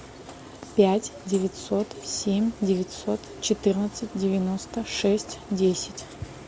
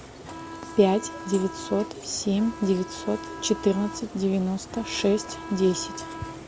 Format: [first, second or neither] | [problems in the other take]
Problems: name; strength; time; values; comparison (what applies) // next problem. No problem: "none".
first | background sound (Bowed string instrument); 13 dB below the speech